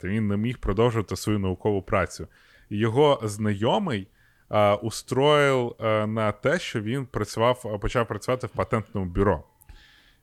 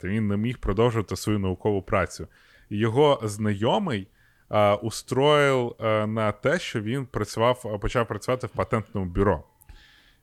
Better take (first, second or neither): neither